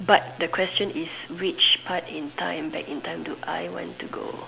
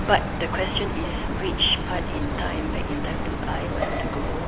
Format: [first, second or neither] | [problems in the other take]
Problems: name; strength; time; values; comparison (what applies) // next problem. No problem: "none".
first | background sound (Chirp, tweet); 2 dB above the speech